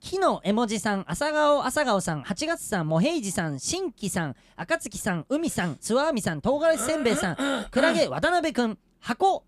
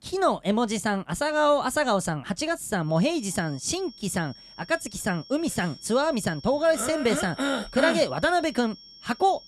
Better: first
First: none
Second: high-pitched whine; noticeable; from 3 s on; 5.5 kHz, 20 dB below the speech

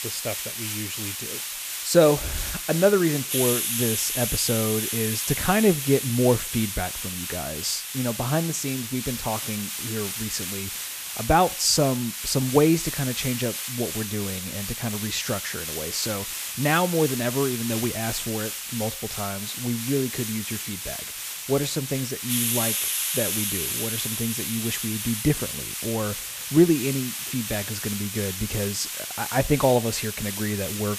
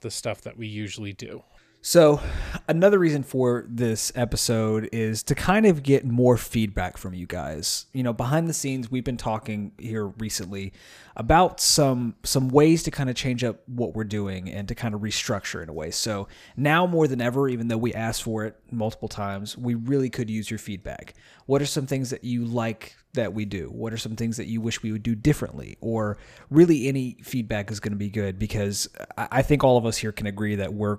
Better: second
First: hiss; loud; throughout; 3 dB below the speech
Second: none

